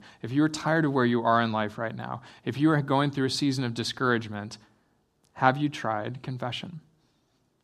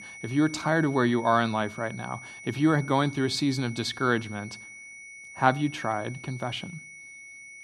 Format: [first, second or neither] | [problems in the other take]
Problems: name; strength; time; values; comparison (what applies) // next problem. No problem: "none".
first | high-pitched whine; noticeable; throughout; 2 kHz, 15 dB below the speech